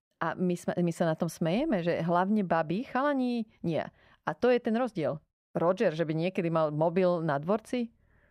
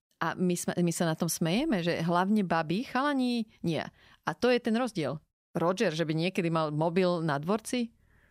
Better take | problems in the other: second | muffled; slightly; fading above 3 kHz

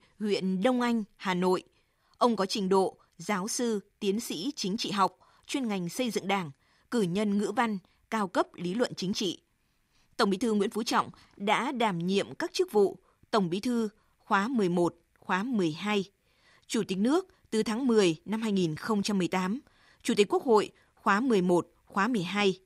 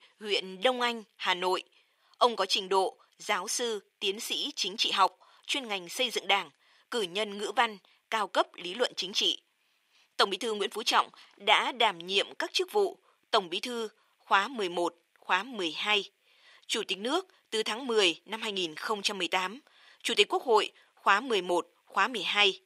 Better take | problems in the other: first | thin; very; fading below 550 Hz

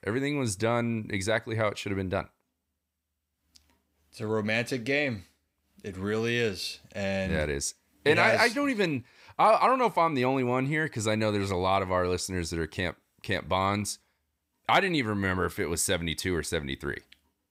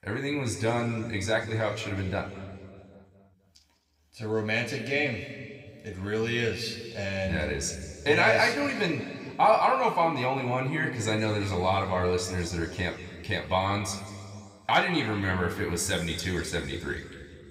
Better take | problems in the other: first | room echo; slight; dies away in 2.1 s

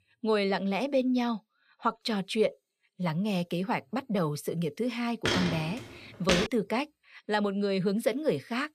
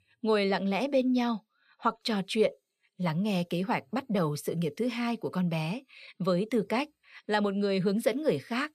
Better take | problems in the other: second | footsteps; loud; from 5.5 to 6.5 s; peak 2 dB above the speech

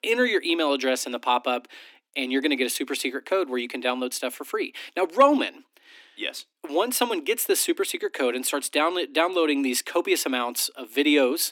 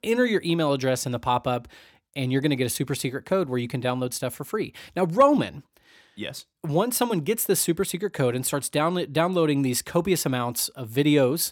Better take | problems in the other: second | thin; very slightly; fading below 250 Hz

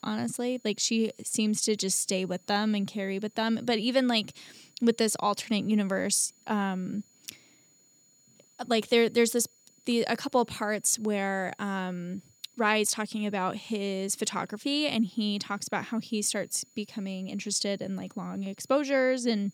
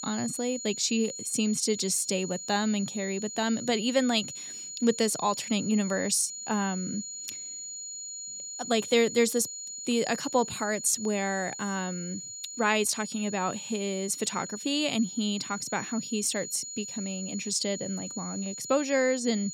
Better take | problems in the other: first | high-pitched whine; loud; throughout; 7 kHz, 8 dB below the speech; faint in the first

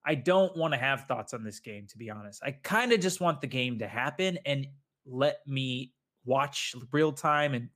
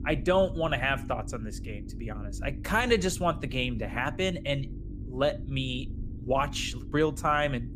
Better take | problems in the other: first | low rumble; faint; throughout; 20 dB below the speech

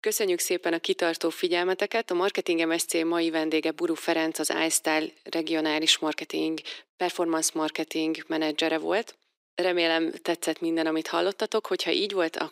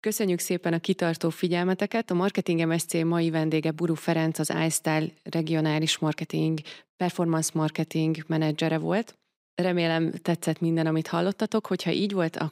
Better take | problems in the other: second | thin; very; fading below 350 Hz

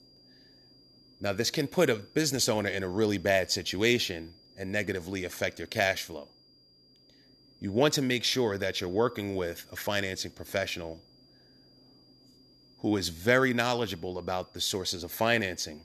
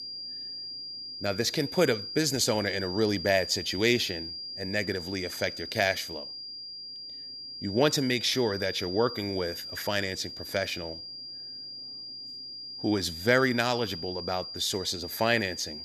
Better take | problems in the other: first | high-pitched whine; loud; throughout; 5 kHz, 8 dB below the speech; faint in the first

